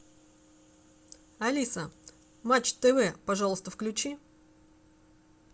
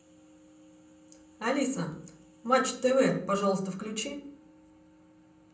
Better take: first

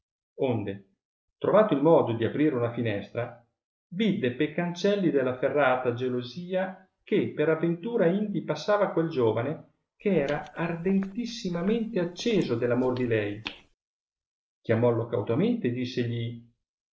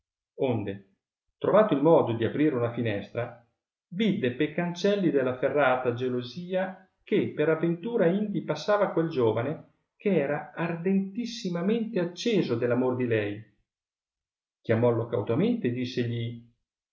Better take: second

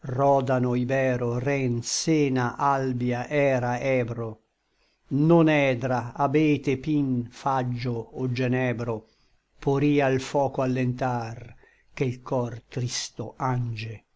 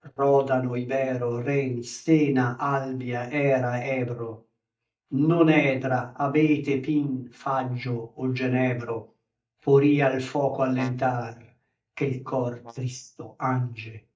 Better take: first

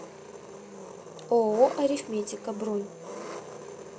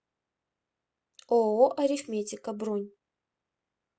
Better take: second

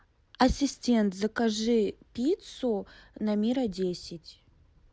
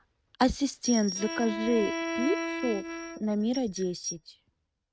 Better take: first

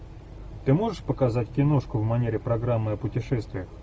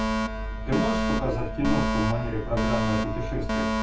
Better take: first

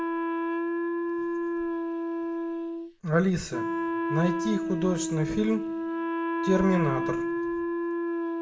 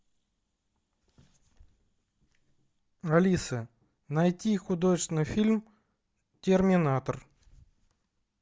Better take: second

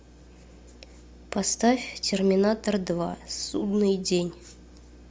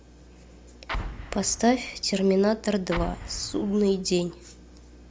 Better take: first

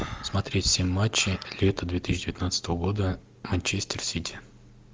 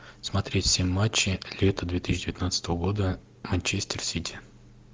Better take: second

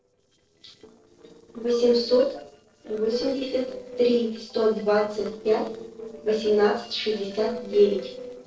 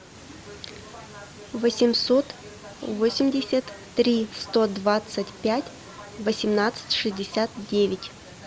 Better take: second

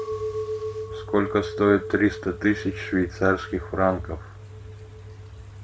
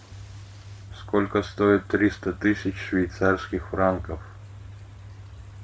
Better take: second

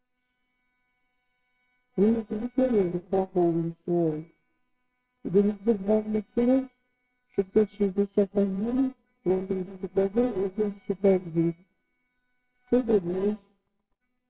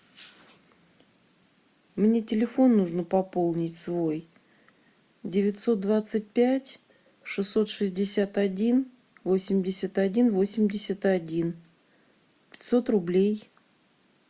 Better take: second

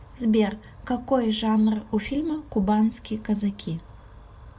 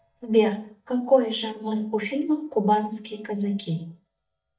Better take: first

